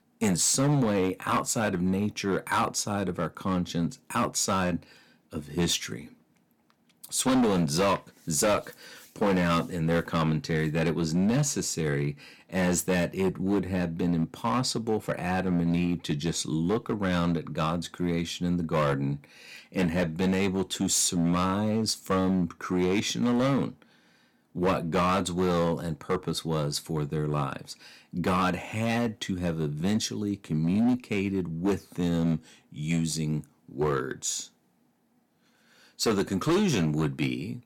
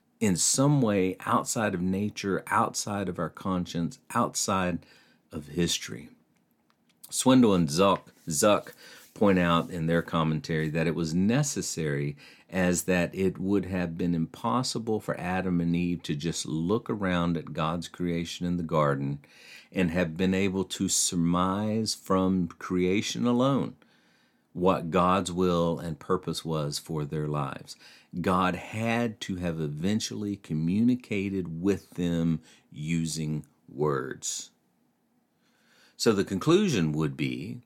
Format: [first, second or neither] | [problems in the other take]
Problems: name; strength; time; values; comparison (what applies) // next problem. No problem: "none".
second | distortion; slight; 7% of the sound clipped